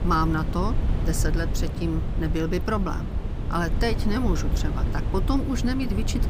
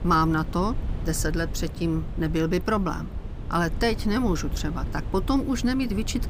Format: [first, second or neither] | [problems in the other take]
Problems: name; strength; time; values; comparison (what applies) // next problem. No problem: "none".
second | wind noise on the microphone; heavy; 9 dB below the speech; occasional gusts in the second